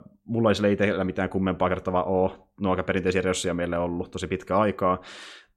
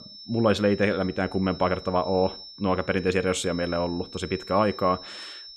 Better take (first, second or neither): first